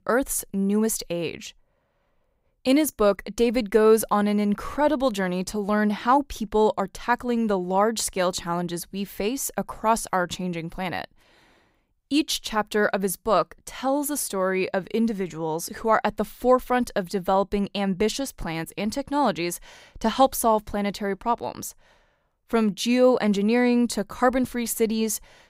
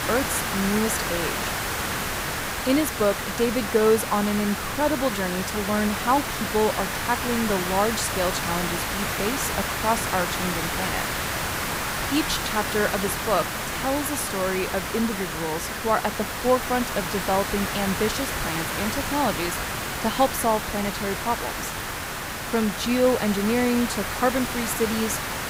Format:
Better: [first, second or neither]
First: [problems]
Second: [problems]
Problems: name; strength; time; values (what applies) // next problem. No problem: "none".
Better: first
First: none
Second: hiss; loud; throughout; 2 dB below the speech